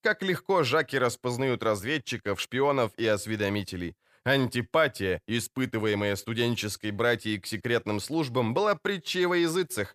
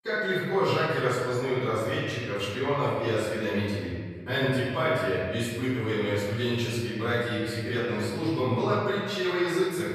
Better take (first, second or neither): first